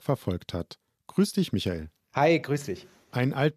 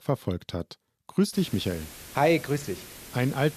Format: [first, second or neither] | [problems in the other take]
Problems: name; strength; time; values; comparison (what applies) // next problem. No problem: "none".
first | hiss; noticeable; from 1.5 s on; 15 dB below the speech